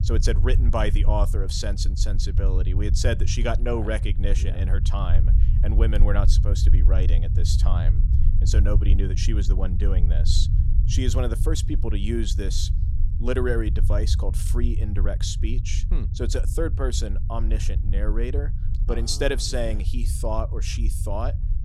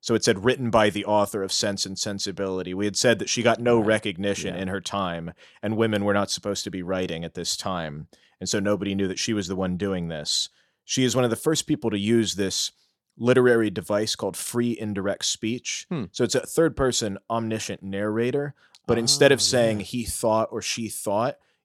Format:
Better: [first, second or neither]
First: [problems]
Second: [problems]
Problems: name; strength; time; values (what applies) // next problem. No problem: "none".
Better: second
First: low rumble; noticeable; throughout; 10 dB below the speech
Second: none